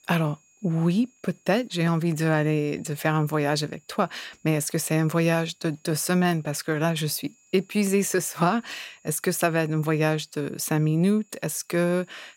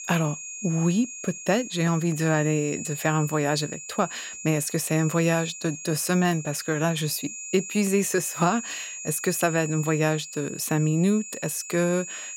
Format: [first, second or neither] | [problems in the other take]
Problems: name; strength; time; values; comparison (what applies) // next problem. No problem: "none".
first | high-pitched whine; loud; throughout; 7 kHz, 10 dB below the speech; faint in the first